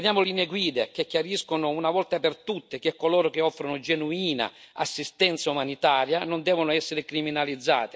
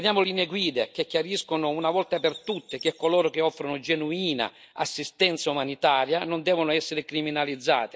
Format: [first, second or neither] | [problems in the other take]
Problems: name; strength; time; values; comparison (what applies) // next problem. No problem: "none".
first | noise reduction (neural mask model Resemble Enhance denoiser)